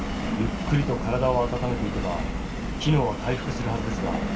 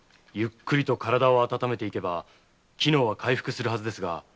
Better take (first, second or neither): second